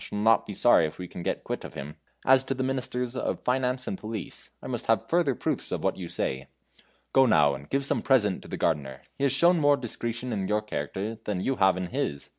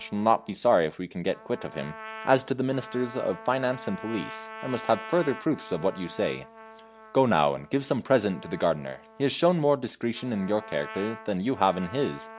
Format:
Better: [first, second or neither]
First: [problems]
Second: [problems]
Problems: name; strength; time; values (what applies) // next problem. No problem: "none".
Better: first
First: none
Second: background sound (Trumpet); 16 dB below the speech